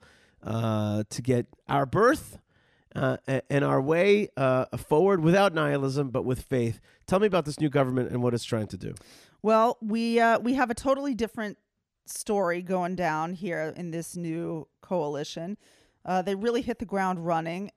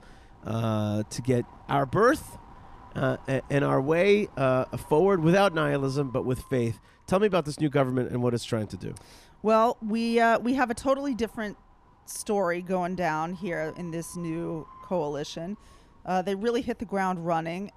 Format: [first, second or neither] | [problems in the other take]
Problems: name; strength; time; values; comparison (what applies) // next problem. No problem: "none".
first | wind noise on the microphone; occasional gusts; 25 dB below the speech